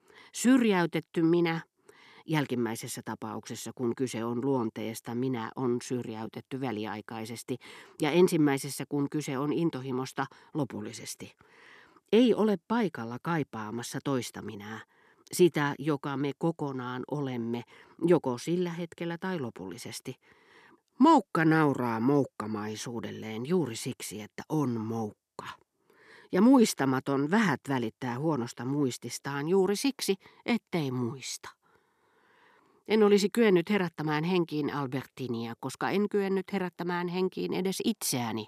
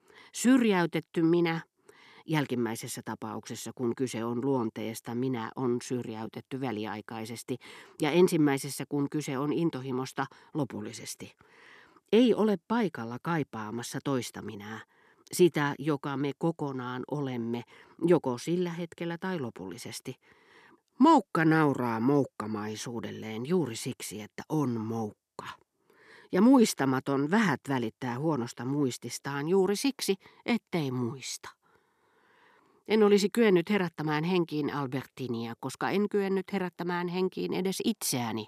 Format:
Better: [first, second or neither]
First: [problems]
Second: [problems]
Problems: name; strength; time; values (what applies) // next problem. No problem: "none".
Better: neither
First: none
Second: none